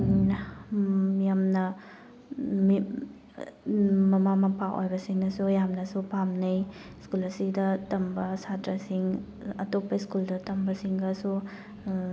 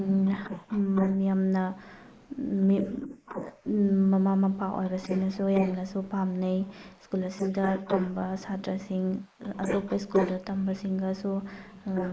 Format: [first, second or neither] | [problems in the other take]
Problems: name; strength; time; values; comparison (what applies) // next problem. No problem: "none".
first | noise reduction (neural mask model Resemble Enhance denoiser)